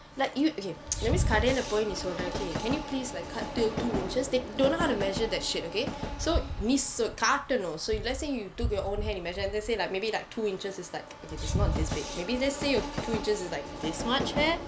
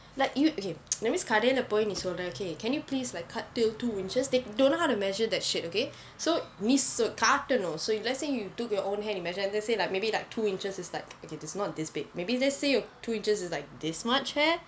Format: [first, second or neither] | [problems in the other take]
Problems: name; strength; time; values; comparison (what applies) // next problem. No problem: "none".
second | background sound (Train); 4 dB below the speech